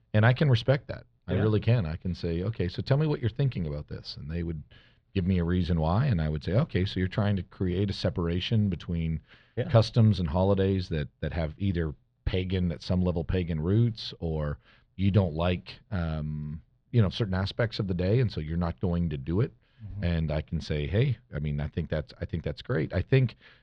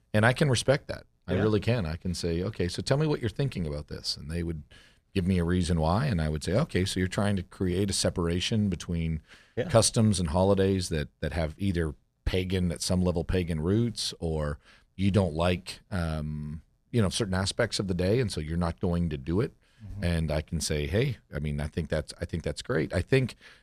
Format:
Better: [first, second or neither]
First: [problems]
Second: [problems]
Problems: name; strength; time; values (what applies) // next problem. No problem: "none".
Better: second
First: muffled; very slightly; fading above 4 kHz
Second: none